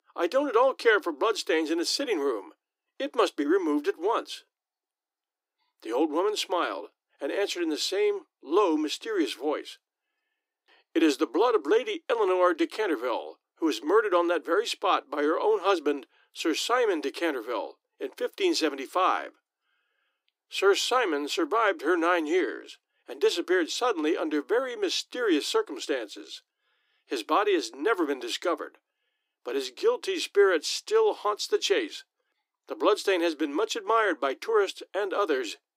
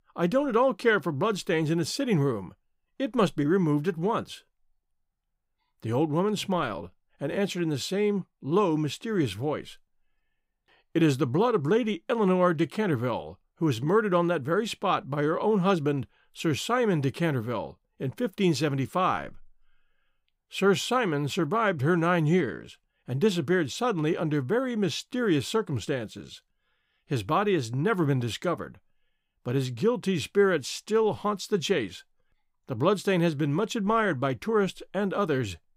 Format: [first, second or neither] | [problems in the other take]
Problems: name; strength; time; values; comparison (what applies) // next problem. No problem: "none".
second | thin; somewhat; fading below 300 Hz